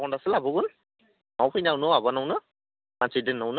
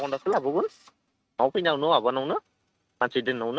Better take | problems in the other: first | noise reduction (neural mask model RNNoise)

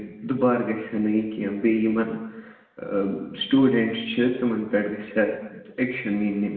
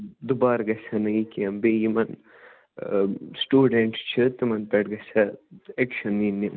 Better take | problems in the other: second | room echo; dies away in 1 s

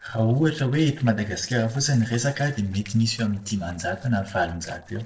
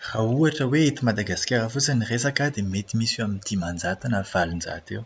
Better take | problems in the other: second | noise reduction (neural separator model SepFormer DNS4)

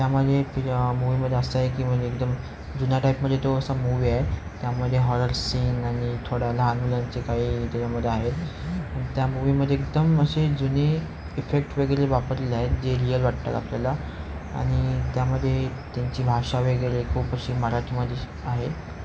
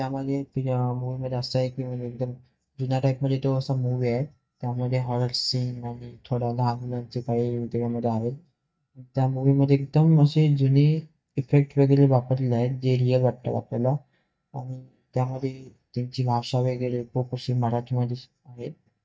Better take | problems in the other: first | noise reduction (neural mask model DeepFilterNet 3)

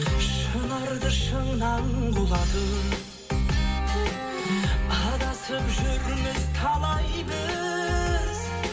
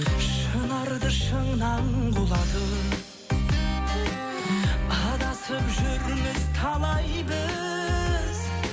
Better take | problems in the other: second | room echo; dies away in 0.7 s

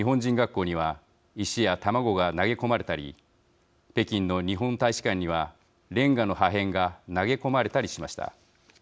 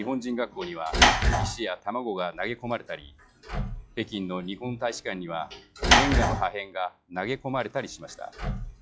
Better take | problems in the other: first | noise reduction (classical method log-MMSE)

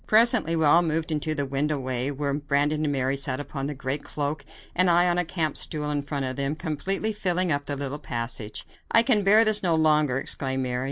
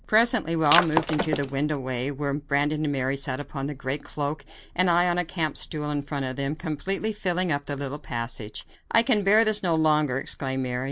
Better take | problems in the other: first | background sound (Shatter); 1 dB below the speech

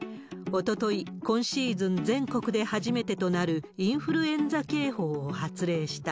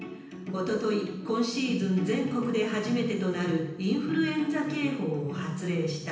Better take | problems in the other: first | room echo; dies away in 0.9 s

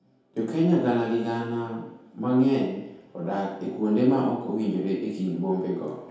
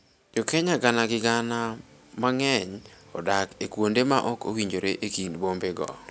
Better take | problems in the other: second | room echo; dies away in 0.8 s

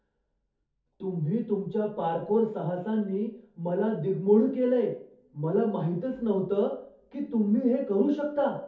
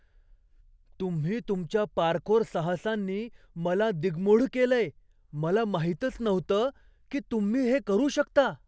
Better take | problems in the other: second | room echo; dies away in 0.5 s

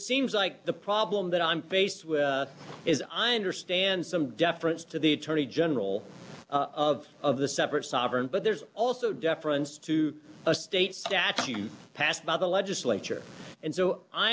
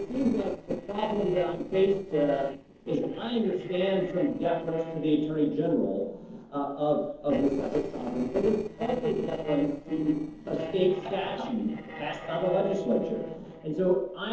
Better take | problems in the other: first | noise reduction (neural separator model SepFormer DNS4)

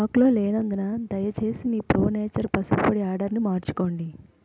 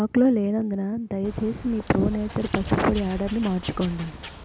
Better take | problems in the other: first | background sound (Wild animals); 12 dB below the speech

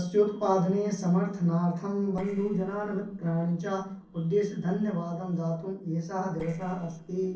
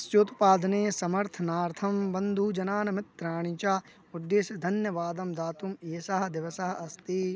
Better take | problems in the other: second | noise reduction (neural separator model SepFormer DNS4)

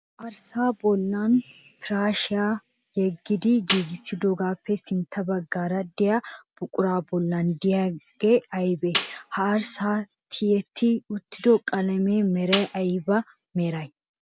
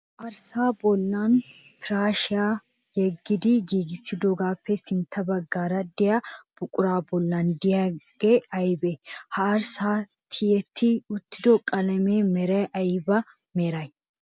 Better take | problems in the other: second | background sound (Snare drum); 9 dB below the speech

